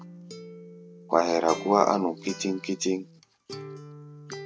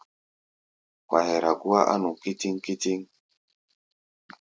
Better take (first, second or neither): second